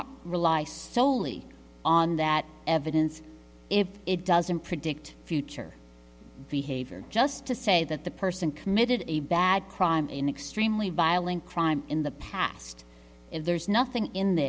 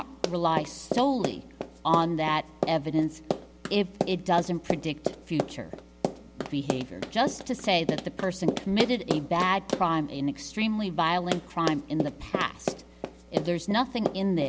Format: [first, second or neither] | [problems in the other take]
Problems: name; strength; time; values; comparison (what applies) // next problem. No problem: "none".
first | background sound (Run); 6 dB below the speech